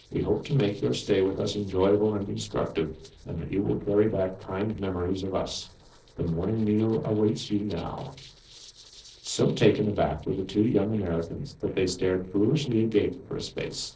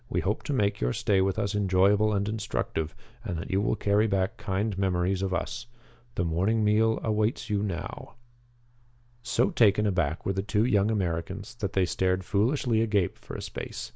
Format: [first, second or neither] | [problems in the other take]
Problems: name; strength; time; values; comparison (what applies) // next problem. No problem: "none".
second | noise reduction (neural separator model SepFormer DNS4)